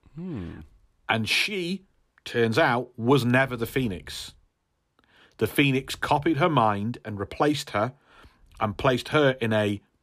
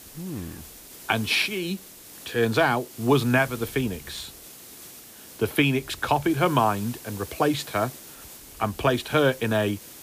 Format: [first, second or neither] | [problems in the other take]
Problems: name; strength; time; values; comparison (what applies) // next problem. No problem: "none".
first | hiss; noticeable; throughout; 15 dB below the speech